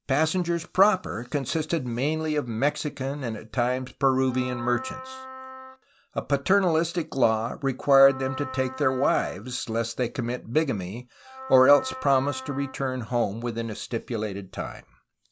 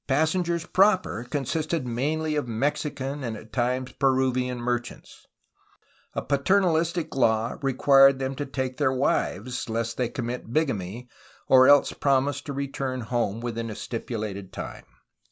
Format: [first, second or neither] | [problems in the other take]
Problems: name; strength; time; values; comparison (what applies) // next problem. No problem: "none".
second | background sound (Wind instrument, woodwind instrument); 13 dB below the speech